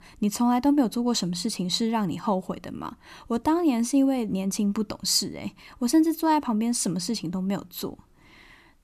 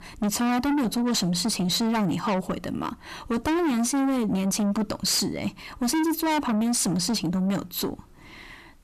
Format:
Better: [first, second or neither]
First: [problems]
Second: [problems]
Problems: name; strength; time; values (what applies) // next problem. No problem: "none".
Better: first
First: none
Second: distortion; heavy; 6 dB below the speech